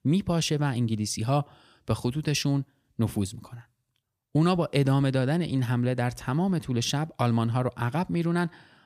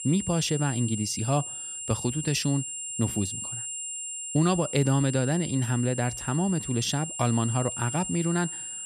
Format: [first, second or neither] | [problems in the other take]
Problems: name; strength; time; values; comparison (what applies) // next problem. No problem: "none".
first | high-pitched whine; loud; throughout; 7.5 kHz, 6 dB below the speech